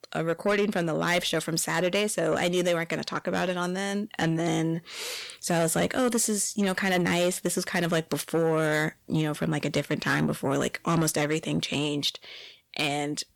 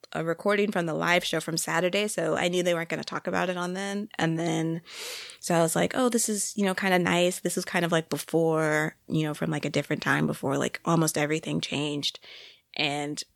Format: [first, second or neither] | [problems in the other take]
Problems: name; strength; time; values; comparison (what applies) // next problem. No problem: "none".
second | distortion; slight; 10 dB below the speech